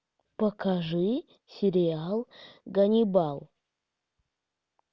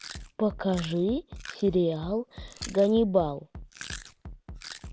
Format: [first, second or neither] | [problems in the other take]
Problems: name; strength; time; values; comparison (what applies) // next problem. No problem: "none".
first | background sound (Chewing, mastication + Bass drum); 14 dB below the speech